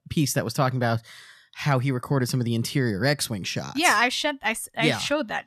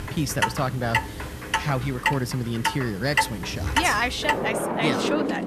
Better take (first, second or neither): first